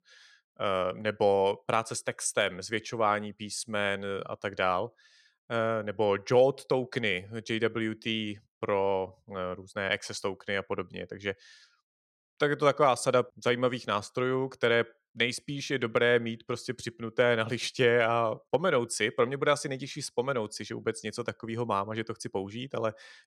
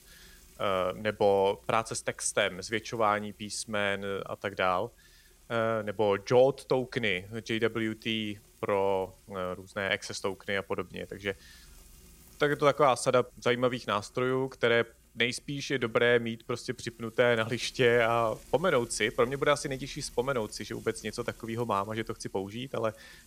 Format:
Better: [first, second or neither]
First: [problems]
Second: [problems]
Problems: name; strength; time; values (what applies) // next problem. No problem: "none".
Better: first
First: none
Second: household noises; faint; throughout; 25 dB below the speech